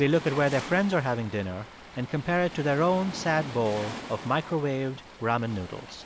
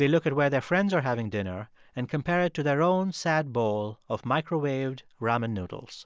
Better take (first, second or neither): second